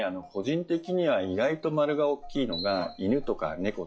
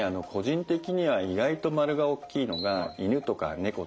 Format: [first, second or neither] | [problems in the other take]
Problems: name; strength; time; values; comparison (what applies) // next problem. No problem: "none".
second | noise reduction (classical method log-MMSE)